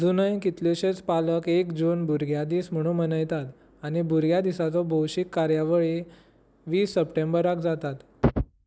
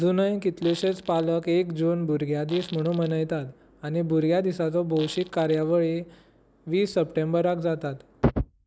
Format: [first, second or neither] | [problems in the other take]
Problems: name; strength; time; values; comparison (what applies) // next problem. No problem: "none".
first | background sound (Fart); 20 dB below the speech